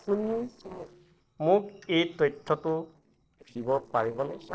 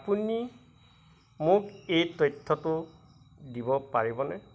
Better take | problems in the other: second | noise reduction (neural separator model SepFormer DNS4)

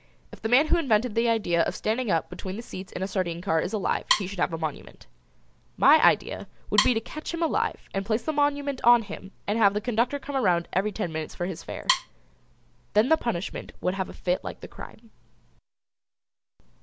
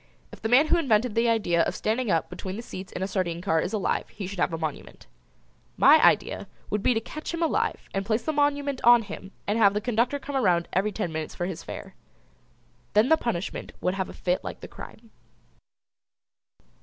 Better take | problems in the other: second | background sound (Wood); 4 dB below the speech

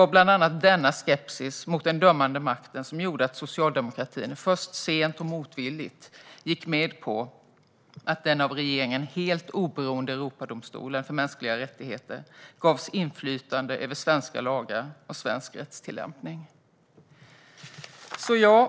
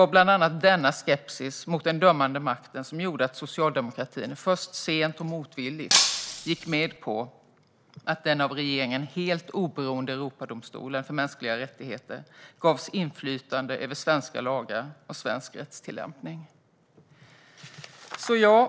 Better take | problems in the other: first | background sound (Shatter); 1 dB above the speech

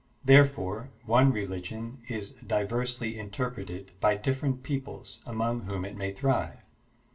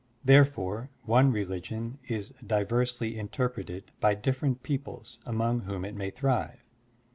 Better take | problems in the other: second | room echo; dies away in 0.2 s

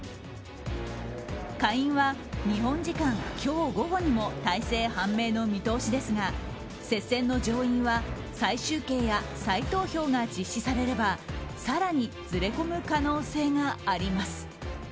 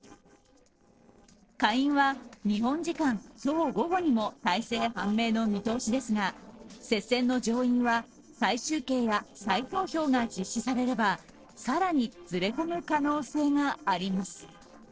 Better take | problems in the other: first | noise reduction (neural separator model SepFormer DNS4)

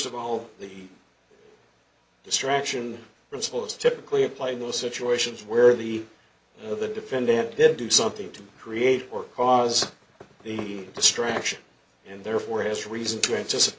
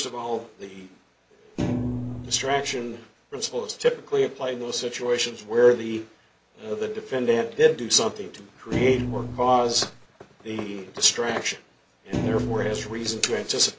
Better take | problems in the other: first | background sound (Thump, thud); 4 dB below the speech

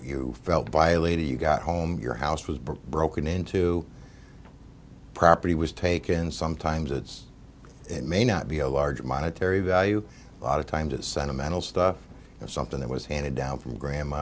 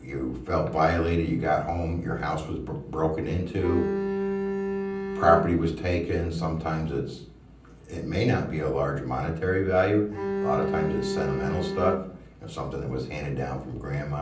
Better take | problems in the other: first | background sound (Bowed string instrument); 2 dB below the speech // room echo; dies away in 0.6 s

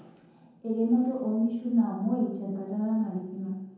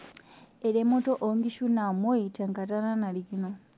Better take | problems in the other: second | room echo; dies away in 0.9 s

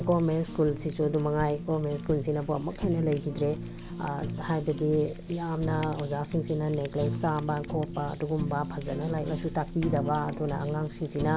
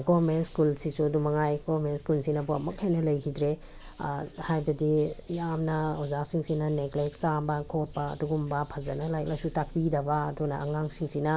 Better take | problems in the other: second | background sound (Fire); 7 dB below the speech

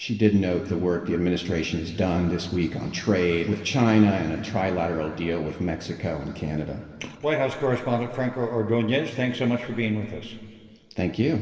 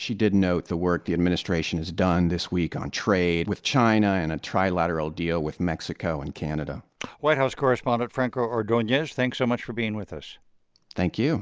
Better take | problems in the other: second | room echo; dies away in 2.4 s

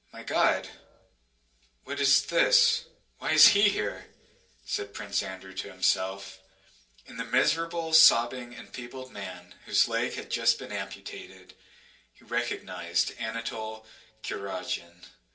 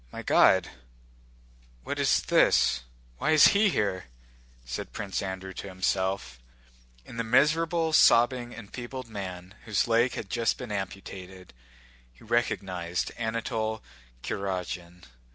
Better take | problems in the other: second | room echo; dies away in 0.3 s

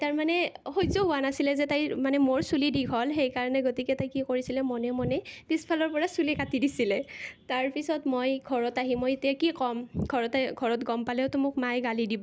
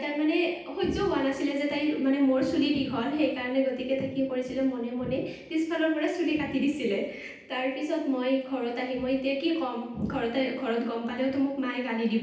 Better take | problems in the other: first | room echo; dies away in 0.9 s

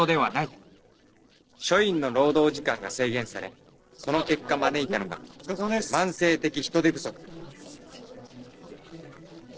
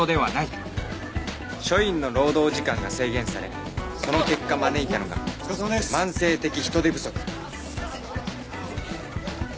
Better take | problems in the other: second | noise reduction (neural separator model SepFormer DNS4)

